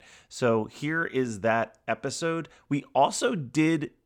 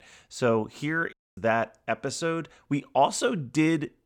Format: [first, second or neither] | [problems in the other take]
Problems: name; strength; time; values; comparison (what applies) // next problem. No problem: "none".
first | audio cutting out; at 1 s